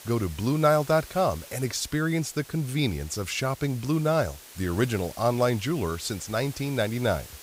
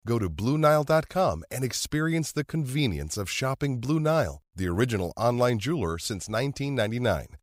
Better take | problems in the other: second | hiss; noticeable; throughout; 15 dB below the speech

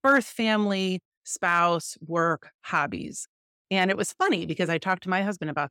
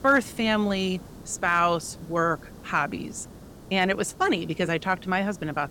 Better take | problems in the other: first | hiss; noticeable; throughout; 20 dB below the speech

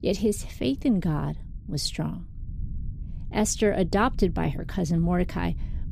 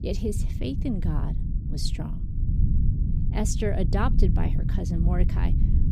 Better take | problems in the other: first | low rumble; loud; throughout; 7 dB below the speech; faint in the first

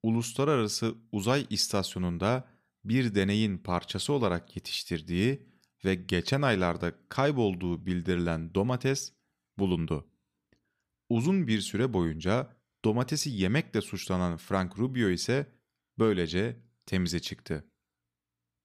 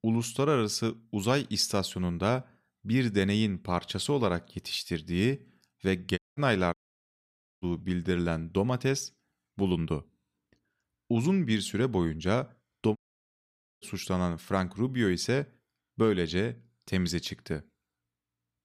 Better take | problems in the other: first | audio cutting out; at 6 s, at 6.5 s for 1 s and at 13 s for 1 s

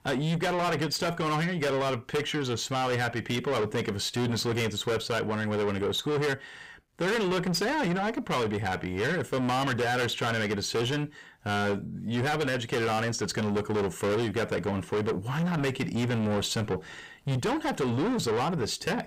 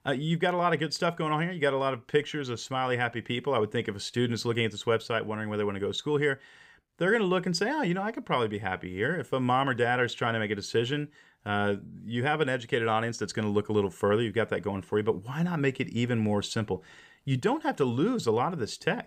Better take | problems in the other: second | distortion; heavy; 6 dB below the speech

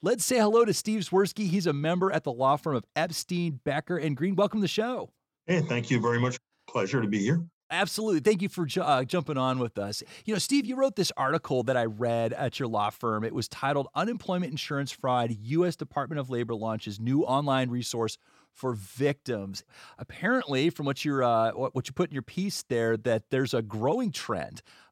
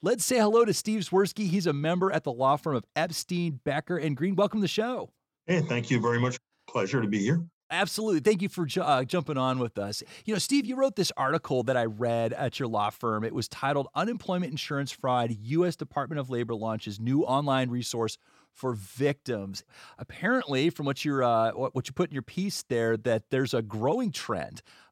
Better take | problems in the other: neither | none

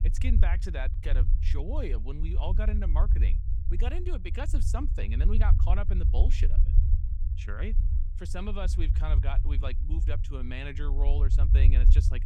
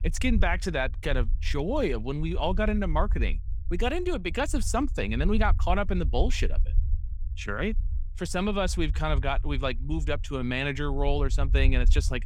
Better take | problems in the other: second | low rumble; loud; throughout; 7 dB below the speech; faint in the second

